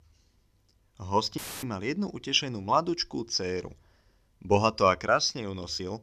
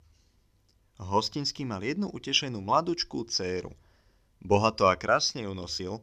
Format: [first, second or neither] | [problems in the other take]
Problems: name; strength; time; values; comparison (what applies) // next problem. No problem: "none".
second | audio cutting out; filled with static; at 1.5 s